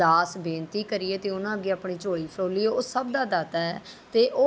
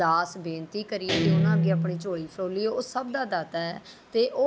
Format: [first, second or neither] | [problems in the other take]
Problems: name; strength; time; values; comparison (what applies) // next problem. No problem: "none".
first | background sound (Guitar); 1 dB above the speech